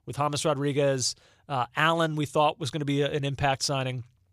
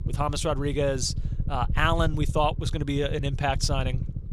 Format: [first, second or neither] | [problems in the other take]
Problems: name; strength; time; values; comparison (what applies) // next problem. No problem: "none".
first | low rumble; noticeable; throughout; 15 dB below the speech